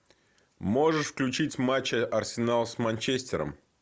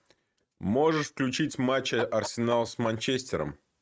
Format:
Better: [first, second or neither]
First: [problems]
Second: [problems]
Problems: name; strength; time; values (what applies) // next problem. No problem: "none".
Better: first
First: none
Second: noise reduction (neural mask model RNNoise)